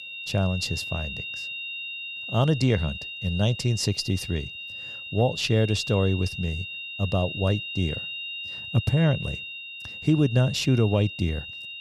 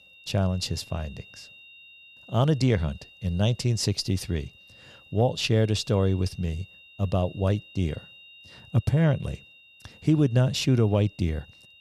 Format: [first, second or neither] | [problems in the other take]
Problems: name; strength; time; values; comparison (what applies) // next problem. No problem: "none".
second | high-pitched whine; loud; throughout; 3 kHz, 8 dB below the speech; faint in the second